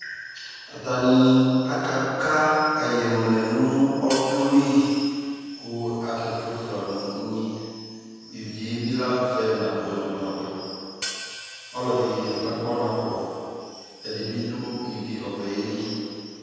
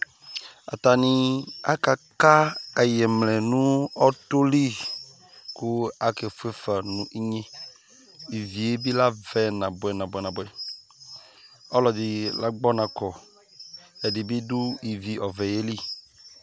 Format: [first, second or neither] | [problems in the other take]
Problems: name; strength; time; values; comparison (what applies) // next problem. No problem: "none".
second | background sound (Hi-hat); 16 dB below the speech // room echo; dies away in 2.1 s